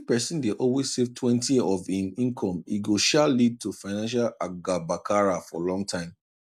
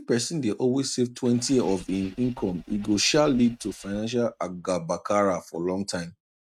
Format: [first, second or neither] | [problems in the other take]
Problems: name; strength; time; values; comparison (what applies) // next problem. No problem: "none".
first | noise reduction (neural mask model RNNoise)